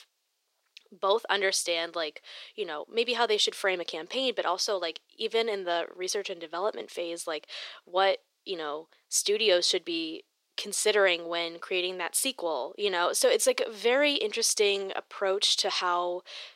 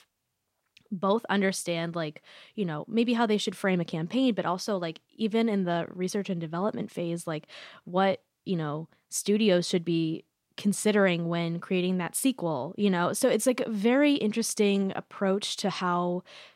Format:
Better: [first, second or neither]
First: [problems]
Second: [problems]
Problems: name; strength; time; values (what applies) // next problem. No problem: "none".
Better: second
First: thin; very; fading below 400 Hz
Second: none